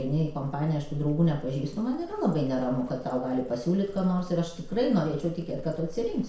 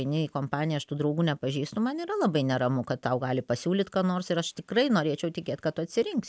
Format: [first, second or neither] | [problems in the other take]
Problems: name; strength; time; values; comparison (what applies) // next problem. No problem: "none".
second | background sound (Livestock, farm animals, working animals); 14 dB below the speech // room echo; dies away in 0.6 s